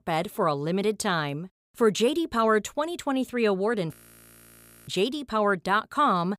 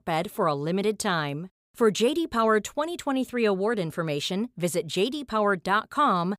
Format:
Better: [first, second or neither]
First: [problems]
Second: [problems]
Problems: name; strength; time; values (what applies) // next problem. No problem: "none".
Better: second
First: audio freezing; at 4 s for 1 s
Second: none